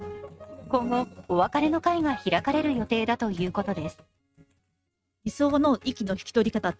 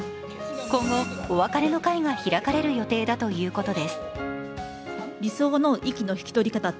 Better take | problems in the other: second | noise reduction (neural mask model RNNoise)

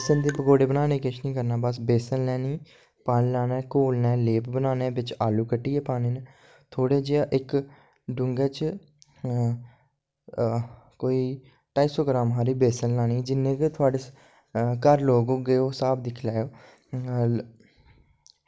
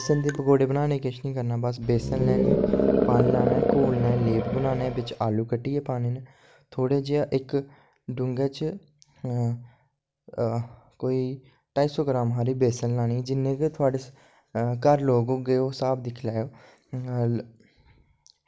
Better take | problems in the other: first | background sound (Animal); 2 dB above the speech

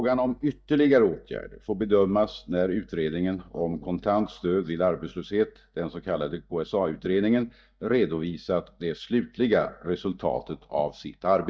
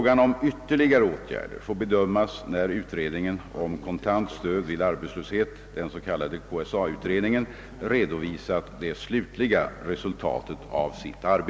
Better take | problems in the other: second | noise reduction (neural mask model DeepFilterNet 3)

